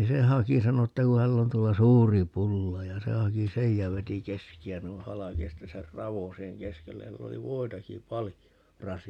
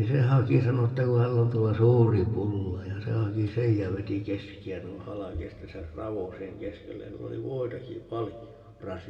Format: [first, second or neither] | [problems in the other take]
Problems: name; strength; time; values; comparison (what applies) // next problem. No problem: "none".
first | room echo; dies away in 1.5 s